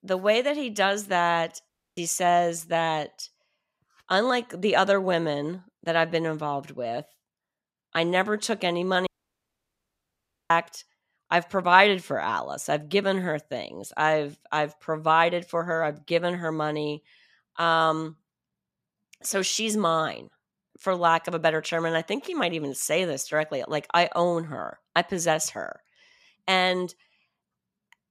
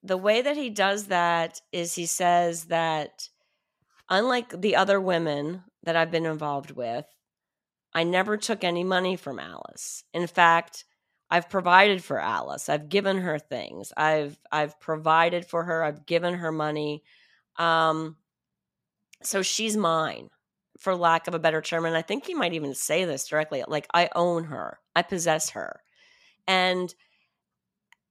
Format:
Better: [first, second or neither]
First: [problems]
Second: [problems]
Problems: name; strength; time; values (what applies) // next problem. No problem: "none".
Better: second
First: audio cutting out; at 1.5 s and at 9 s for 1.5 s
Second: none